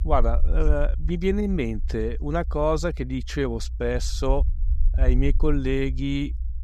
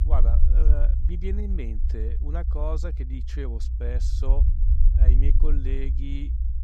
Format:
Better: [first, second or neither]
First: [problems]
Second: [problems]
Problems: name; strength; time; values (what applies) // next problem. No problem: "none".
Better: first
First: low rumble; faint; throughout; 20 dB below the speech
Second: low rumble; loud; throughout; 6 dB below the speech